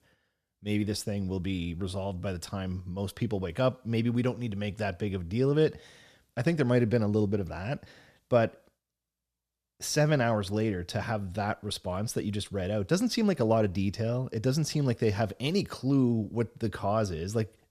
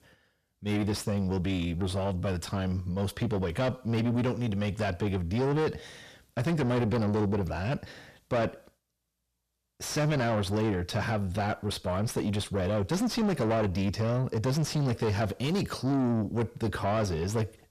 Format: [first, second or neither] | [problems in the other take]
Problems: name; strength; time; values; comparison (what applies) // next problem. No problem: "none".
first | distortion; heavy; 6 dB below the speech